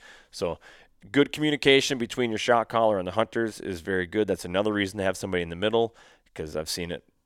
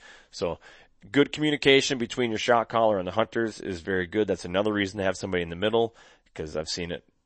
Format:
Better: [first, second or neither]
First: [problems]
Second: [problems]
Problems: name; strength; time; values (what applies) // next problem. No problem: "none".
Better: first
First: none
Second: garbled, watery; slightly; nothing above 8 kHz